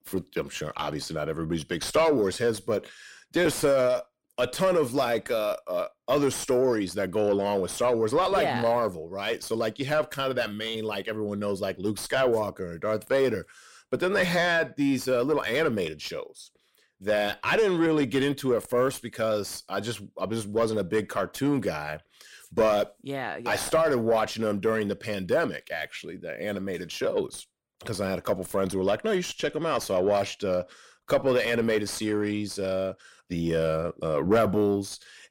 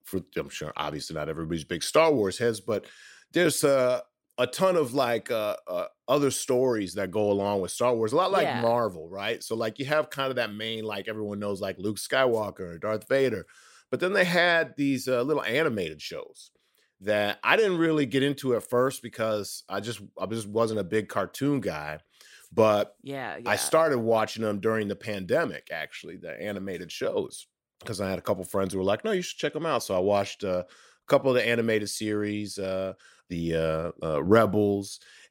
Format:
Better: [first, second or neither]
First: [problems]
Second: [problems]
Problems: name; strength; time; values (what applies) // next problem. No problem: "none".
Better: second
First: distortion; slight; 10 dB below the speech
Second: none